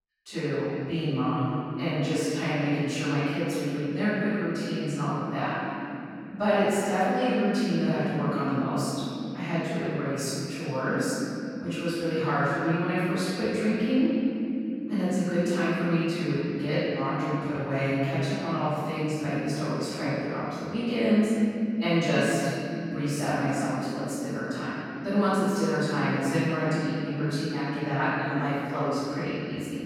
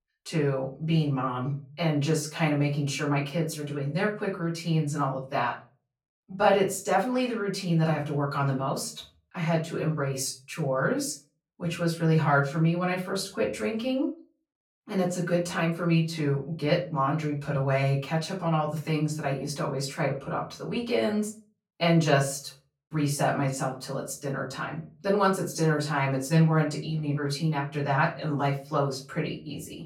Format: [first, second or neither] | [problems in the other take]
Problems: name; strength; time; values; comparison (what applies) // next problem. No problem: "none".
second | room echo; strong; dies away in 3 s; slight in the second // off-mic speech; far; far in the second